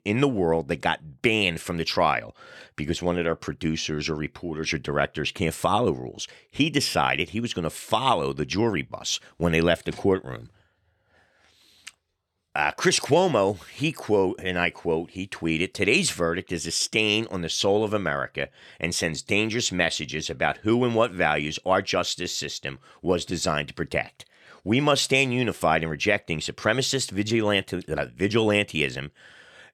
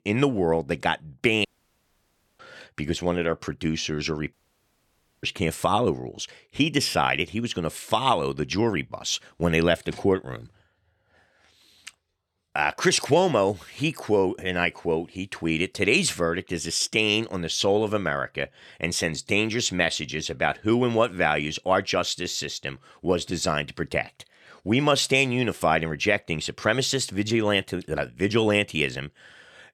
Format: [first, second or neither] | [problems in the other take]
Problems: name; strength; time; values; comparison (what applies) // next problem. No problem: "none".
first | audio cutting out; at 1.5 s for 1 s and at 4.5 s for 1 s